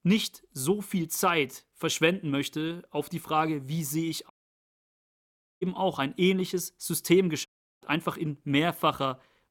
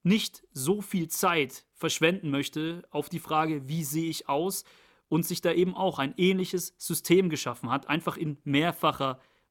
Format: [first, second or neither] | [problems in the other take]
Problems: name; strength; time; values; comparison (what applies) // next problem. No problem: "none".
second | audio cutting out; at 4.5 s for 1.5 s and at 7.5 s